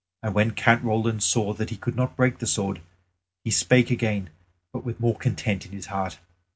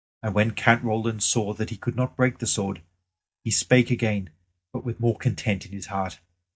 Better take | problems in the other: first | noise reduction (neural mask model DeepFilterNet 3)

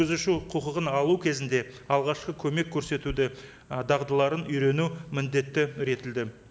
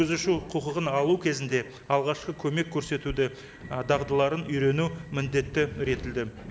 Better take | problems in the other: first | background sound (Subway, metro, underground); 16 dB below the speech

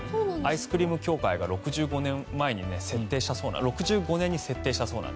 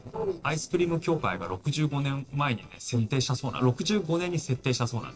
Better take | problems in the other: first | noise reduction (neural separator model SepFormer DNS4)

